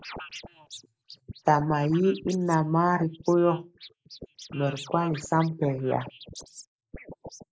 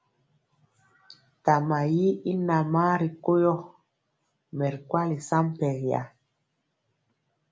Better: second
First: noise reduction (neural mask model Resemble Enhance denoiser)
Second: none

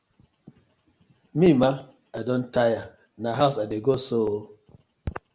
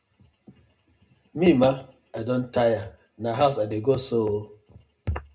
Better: first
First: none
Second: room echo; dies away in 0.2 s

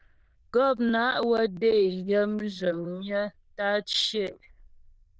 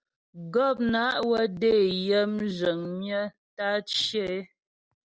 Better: second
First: noise reduction (neural diffusion model UNIVERSE++)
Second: none

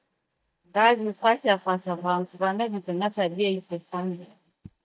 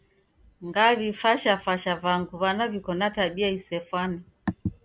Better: second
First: noise reduction (neural mask model DeepFilterNet 3)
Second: none

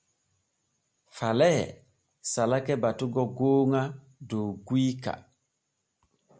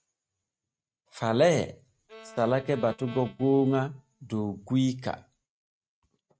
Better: first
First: none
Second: noise reduction (neural mask model RNNoise)

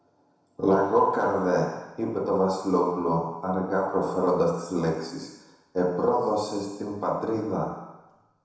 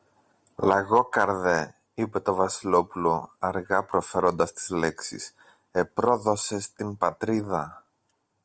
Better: second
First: room echo; dies away in 1 s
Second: none

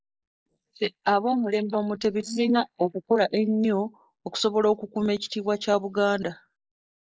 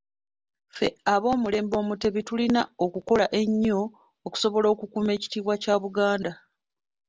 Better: second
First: noise reduction (neural mask model Resemble Enhance denoiser)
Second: none

